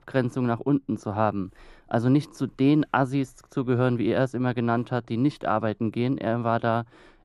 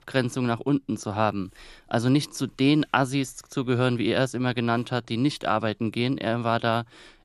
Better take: second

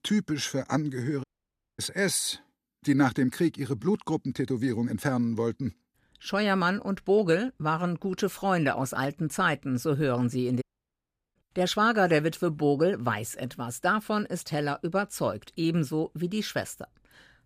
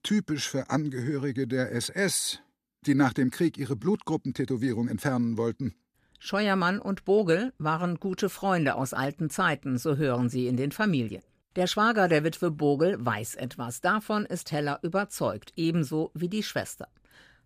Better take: second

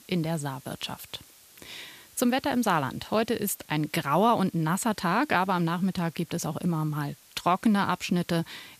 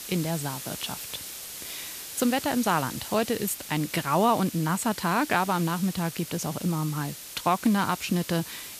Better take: first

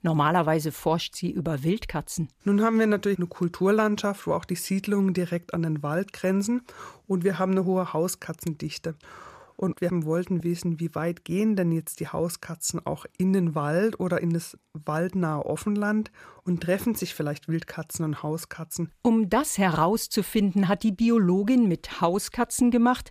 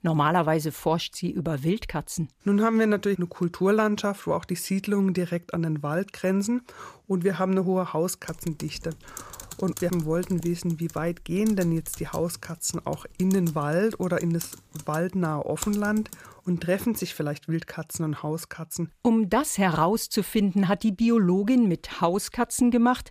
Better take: first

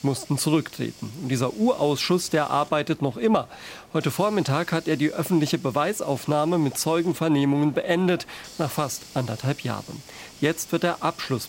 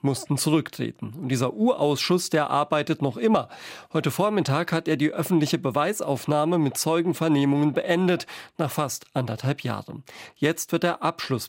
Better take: second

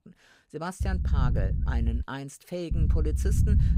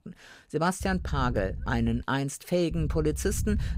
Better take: second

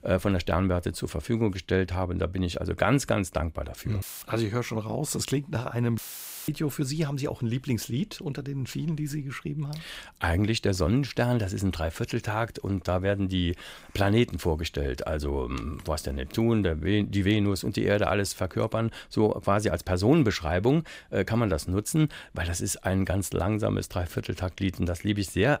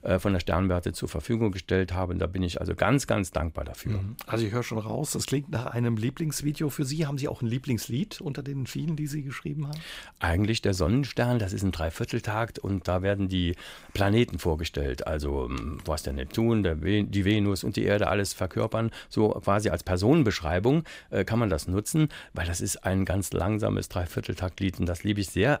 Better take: second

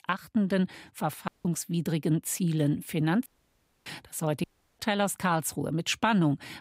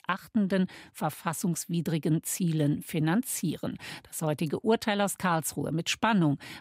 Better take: second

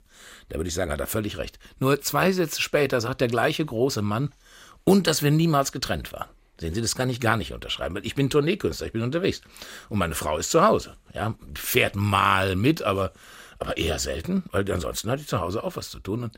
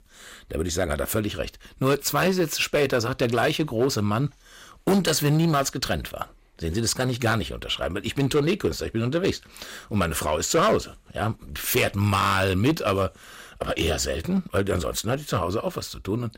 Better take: first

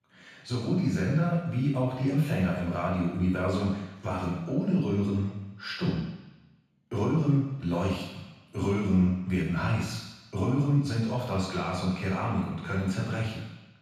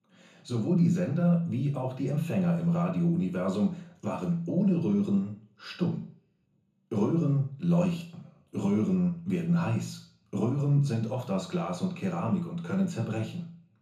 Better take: second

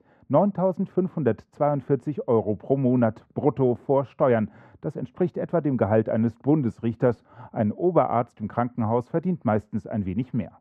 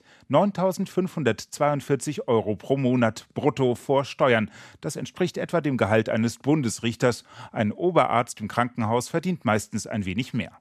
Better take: second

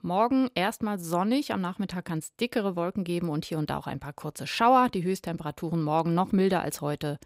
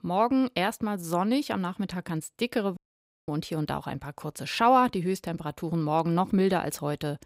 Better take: first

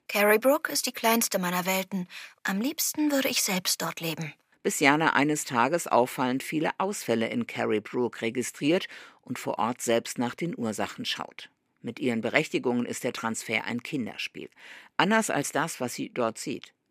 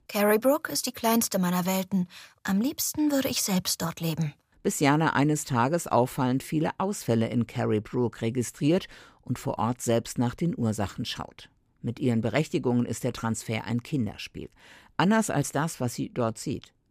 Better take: second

